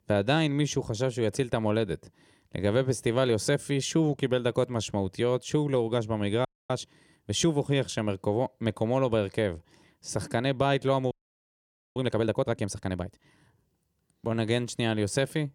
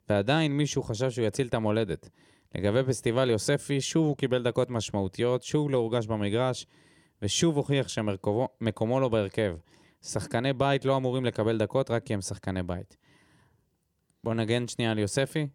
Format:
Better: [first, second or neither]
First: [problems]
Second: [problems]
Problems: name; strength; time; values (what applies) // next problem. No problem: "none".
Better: second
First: audio freezing; at 6.5 s and at 11 s for 1 s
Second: none